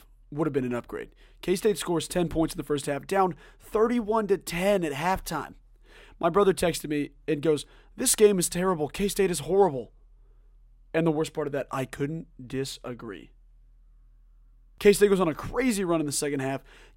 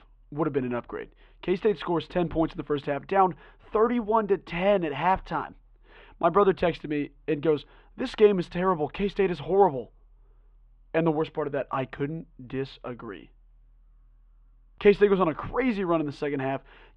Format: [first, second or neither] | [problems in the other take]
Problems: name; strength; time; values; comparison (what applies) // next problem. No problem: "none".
first | muffled; very; fading above 3 kHz